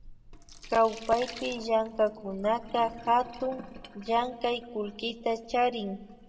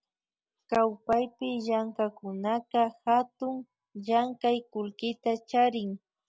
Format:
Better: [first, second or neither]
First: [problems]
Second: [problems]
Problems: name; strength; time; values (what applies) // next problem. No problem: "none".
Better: second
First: background sound (Sink (filling or washing)); 18 dB below the speech // room echo; dies away in 0.9 s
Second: none